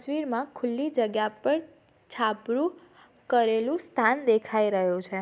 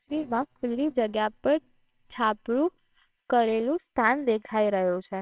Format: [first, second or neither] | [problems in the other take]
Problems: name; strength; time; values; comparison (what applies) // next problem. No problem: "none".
first | noise reduction (neural separator model SepFormer WHAMR!)